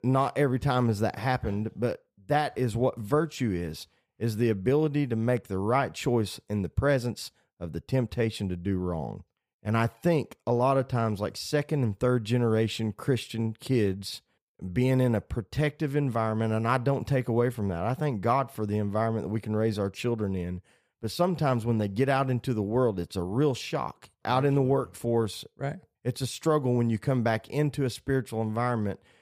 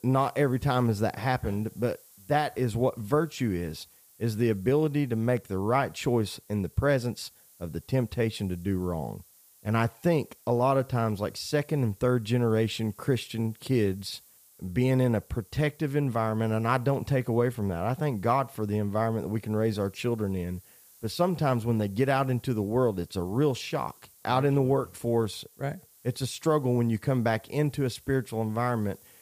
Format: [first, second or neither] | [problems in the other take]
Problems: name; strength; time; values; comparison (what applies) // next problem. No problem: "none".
first | hiss; faint; throughout; 25 dB below the speech